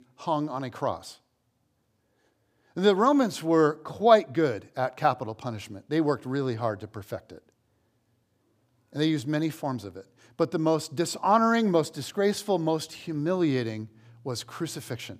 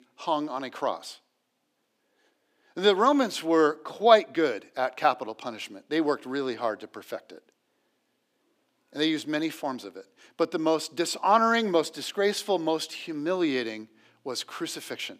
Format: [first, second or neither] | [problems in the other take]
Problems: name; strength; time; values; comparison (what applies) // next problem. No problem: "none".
first | thin; very slightly; fading below 250 Hz